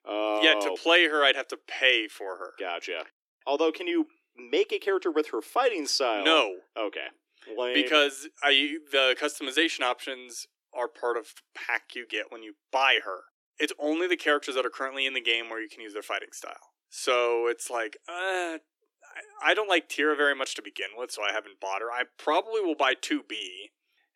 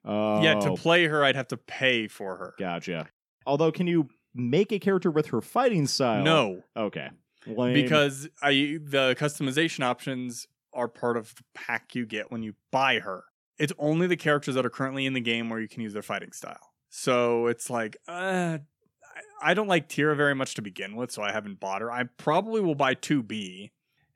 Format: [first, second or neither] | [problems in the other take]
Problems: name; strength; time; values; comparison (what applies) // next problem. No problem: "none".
second | thin; somewhat; fading below 300 Hz